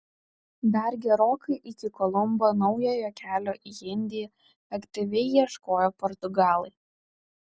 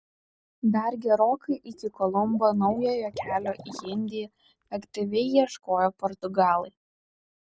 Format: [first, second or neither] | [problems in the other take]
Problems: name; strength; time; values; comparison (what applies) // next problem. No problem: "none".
first | background sound (Liquid); 16 dB below the speech